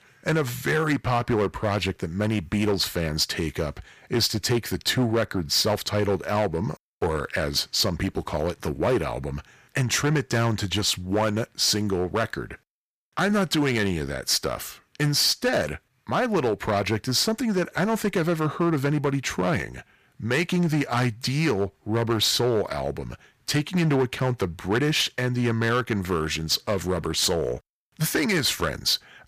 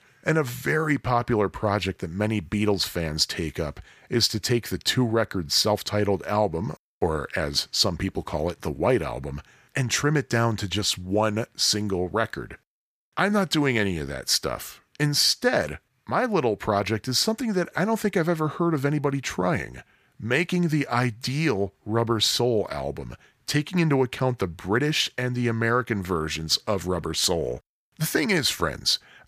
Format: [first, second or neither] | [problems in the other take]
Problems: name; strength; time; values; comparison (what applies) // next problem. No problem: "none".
second | distortion; slight; 7% of the sound clipped